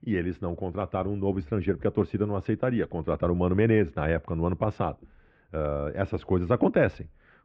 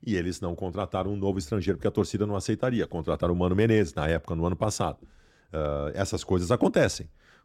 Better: second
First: muffled; very; fading above 2.5 kHz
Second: none

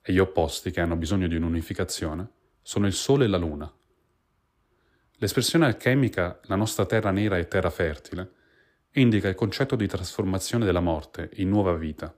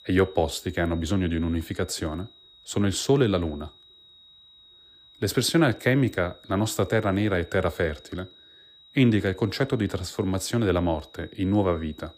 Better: first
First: none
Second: high-pitched whine; faint; throughout; 4 kHz, 25 dB below the speech

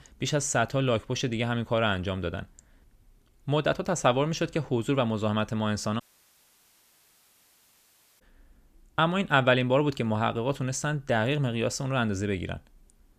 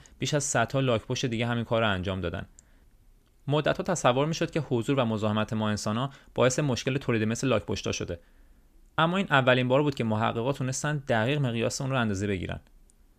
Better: second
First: audio cutting out; at 6 s for 2 s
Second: none

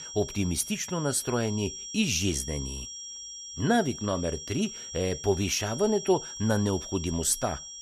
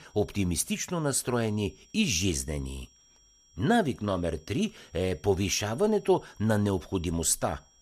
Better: second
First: high-pitched whine; loud; throughout; 5.5 kHz, 9 dB below the speech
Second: high-pitched whine; faint; throughout; 5.5 kHz, 30 dB below the speech

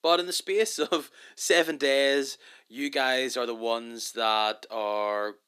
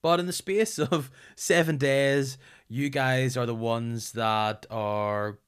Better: second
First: thin; somewhat; fading below 300 Hz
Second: none

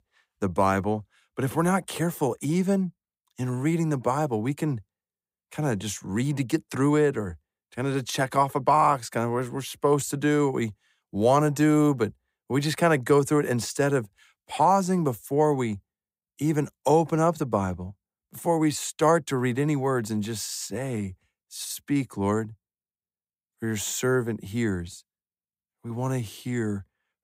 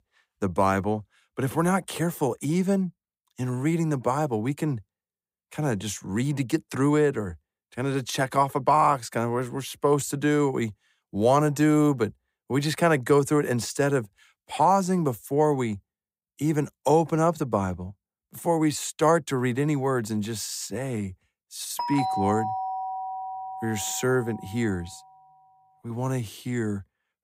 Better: first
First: none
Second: doorbell; noticeable; from 22 to 24 s; peak 2 dB below the speech

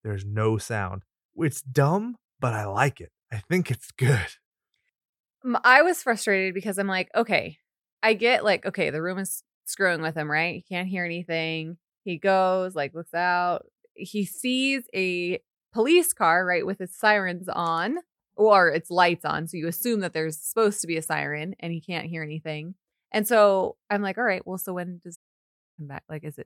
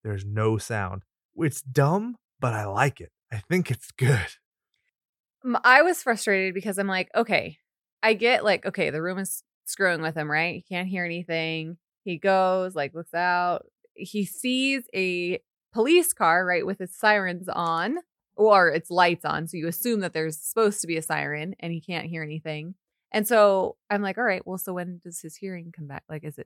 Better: second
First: audio cutting out; at 25 s for 0.5 s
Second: none

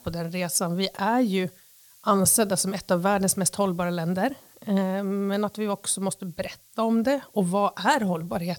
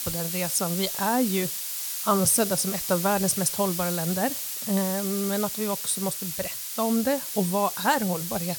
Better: first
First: hiss; faint; throughout; 25 dB below the speech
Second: hiss; loud; throughout; 3 dB below the speech

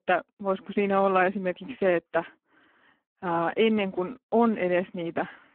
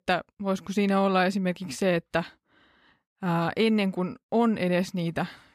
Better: second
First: phone-call audio; poor line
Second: none

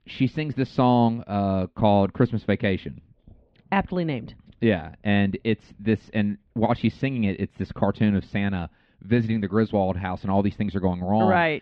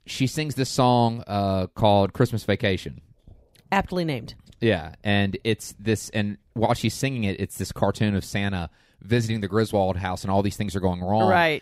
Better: second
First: muffled; slightly; fading above 3.5 kHz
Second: none

